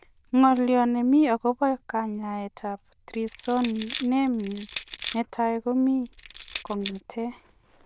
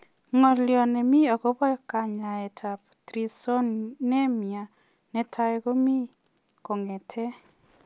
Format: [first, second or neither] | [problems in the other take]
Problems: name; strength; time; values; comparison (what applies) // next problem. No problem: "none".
second | noise reduction (neural diffusion model UNIVERSE++)